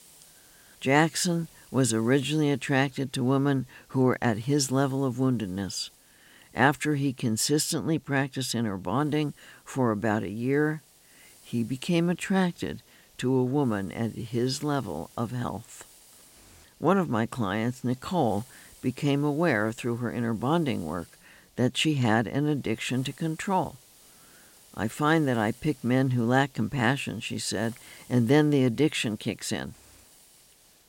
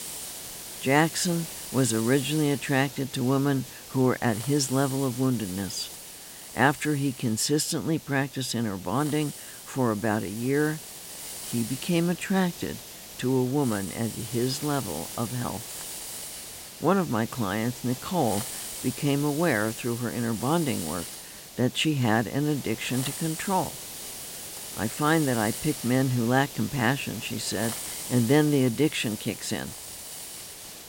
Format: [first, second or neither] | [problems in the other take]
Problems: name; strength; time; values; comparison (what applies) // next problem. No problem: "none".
first | hiss; loud; throughout; 10 dB below the speech; faint in the first